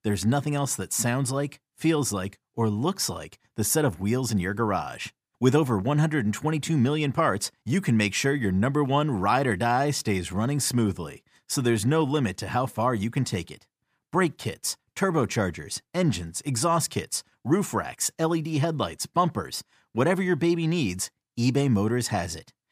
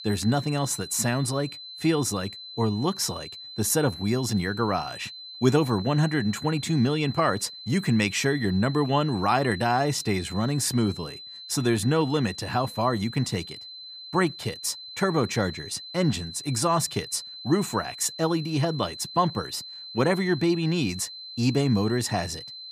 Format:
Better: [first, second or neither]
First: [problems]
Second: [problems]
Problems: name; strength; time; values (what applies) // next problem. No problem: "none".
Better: first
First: none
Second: high-pitched whine; noticeable; throughout; 4 kHz, 10 dB below the speech